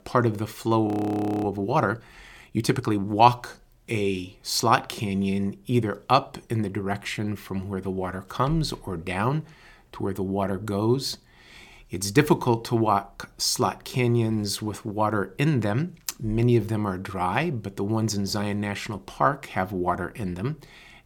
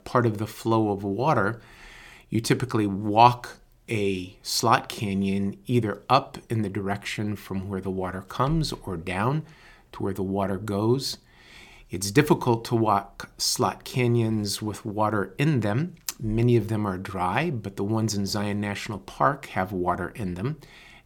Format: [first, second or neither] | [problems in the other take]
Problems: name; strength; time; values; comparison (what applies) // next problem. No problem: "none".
second | audio freezing; at 1 s for 0.5 s